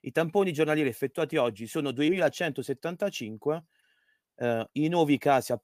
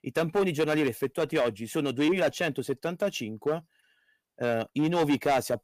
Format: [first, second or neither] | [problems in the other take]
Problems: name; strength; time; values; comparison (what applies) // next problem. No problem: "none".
first | distortion; slight; 7% of the sound clipped